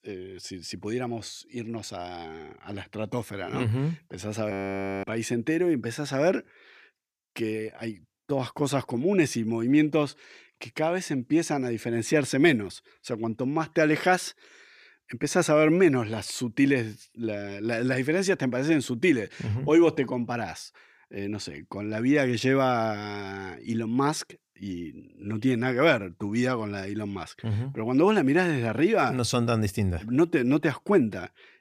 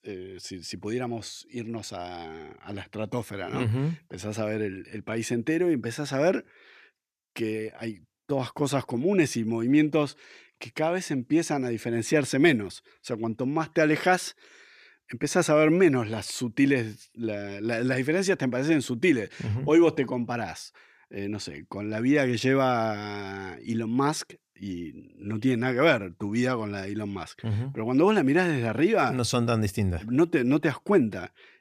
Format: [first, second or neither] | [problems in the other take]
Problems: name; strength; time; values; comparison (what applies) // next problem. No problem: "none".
second | audio freezing; at 4.5 s for 0.5 s